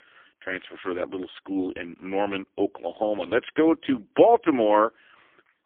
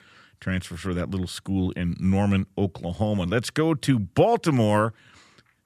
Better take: second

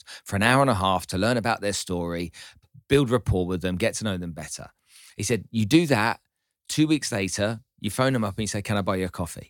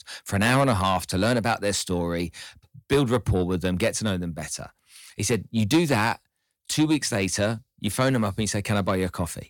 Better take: first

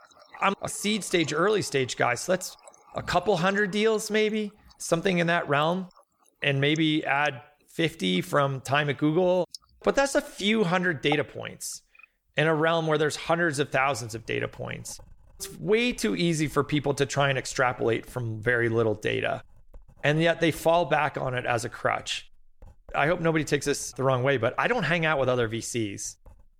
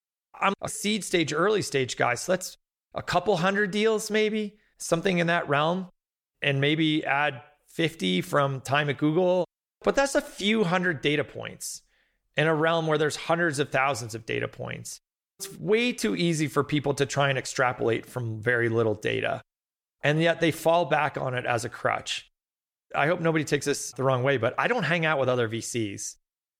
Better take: second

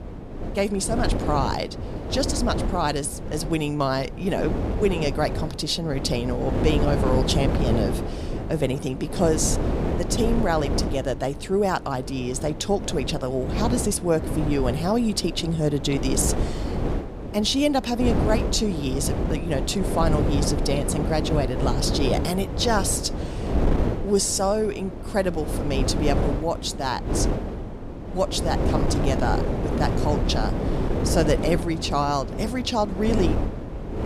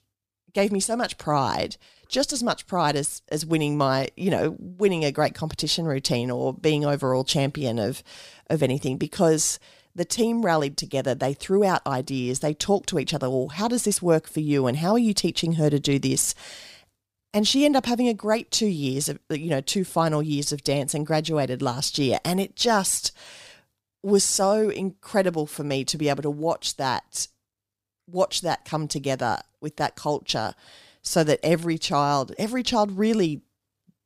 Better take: second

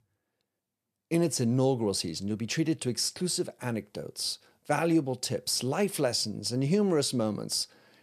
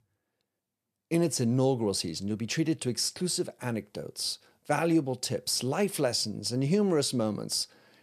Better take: neither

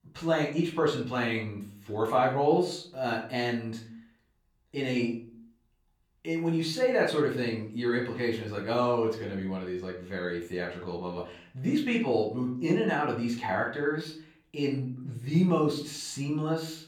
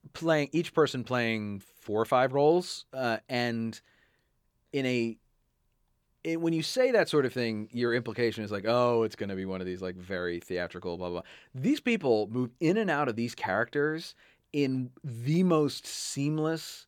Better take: second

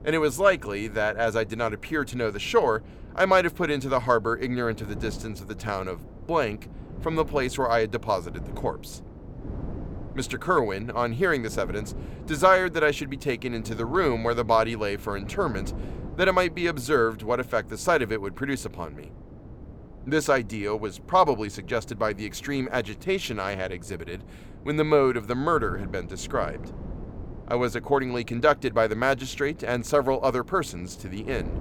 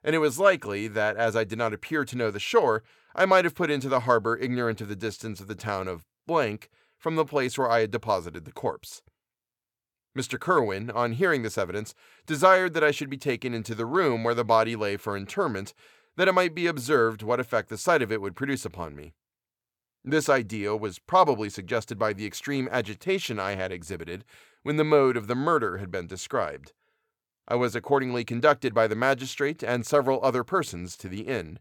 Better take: second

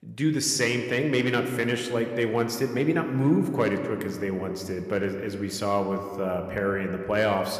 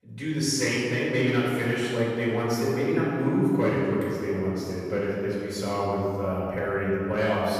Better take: first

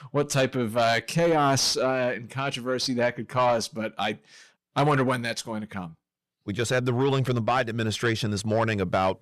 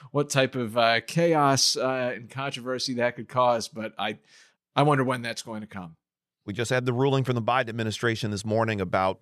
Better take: second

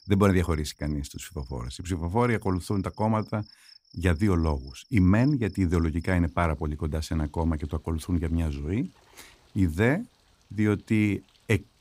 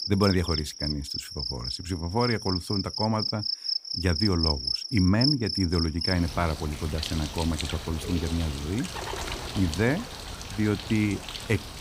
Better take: first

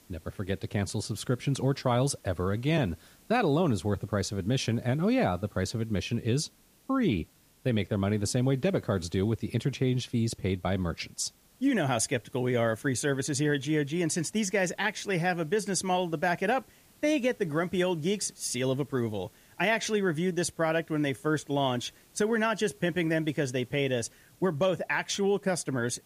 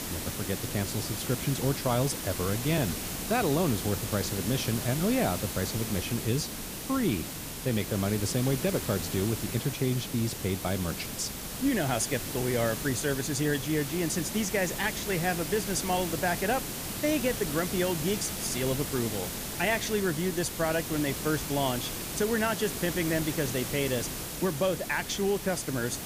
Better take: first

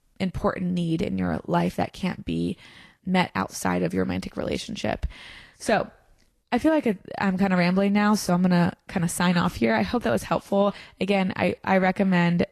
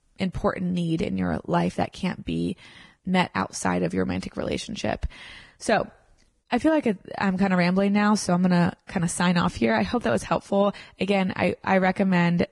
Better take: first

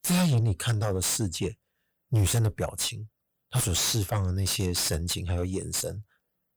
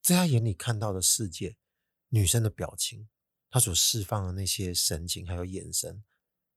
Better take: second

